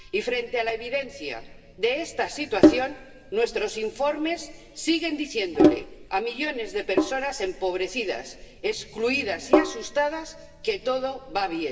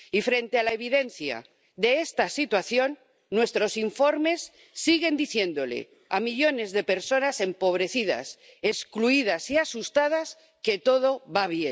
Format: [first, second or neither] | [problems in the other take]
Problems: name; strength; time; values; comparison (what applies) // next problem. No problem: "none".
second | background sound (Sink (filling or washing)); as loud as the speech // room echo; dies away in 2 s